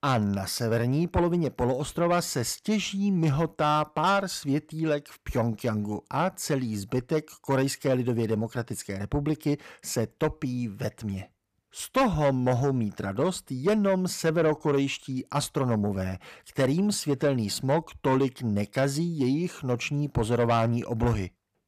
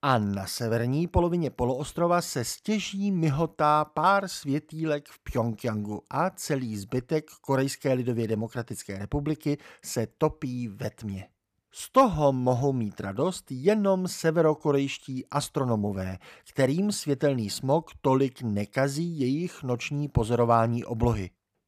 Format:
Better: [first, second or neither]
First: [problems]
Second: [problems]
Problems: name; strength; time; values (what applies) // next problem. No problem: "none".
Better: second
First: distortion; slight; 10 dB below the speech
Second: none